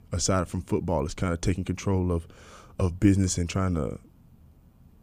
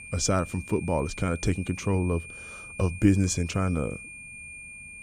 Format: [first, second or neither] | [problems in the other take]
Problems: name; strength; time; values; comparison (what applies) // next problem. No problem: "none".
first | high-pitched whine; noticeable; throughout; 2.5 kHz, 15 dB below the speech